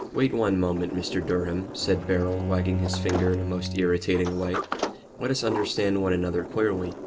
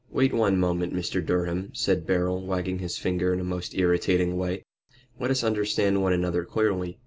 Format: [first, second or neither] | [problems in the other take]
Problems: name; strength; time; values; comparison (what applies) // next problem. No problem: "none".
second | background sound (Bowed string instrument + Sliding door); 6 dB below the speech